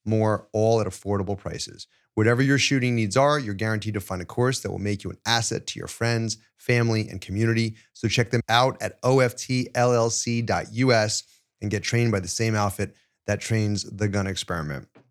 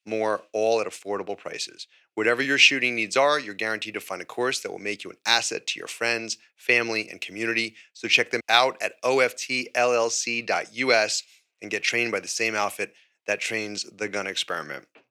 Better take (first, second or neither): first